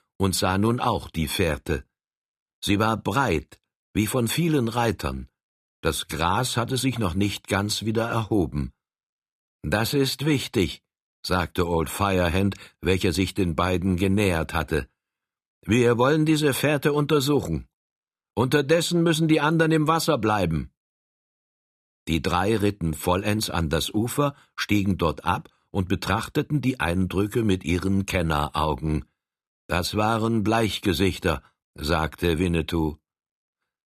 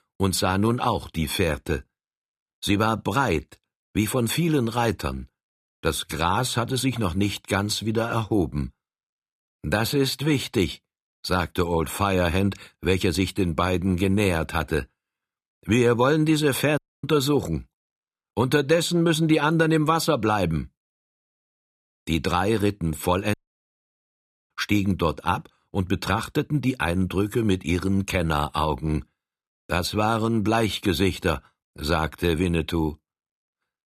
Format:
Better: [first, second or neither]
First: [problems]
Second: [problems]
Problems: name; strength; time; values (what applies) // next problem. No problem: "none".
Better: first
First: none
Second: audio cutting out; at 17 s and at 23 s for 1 s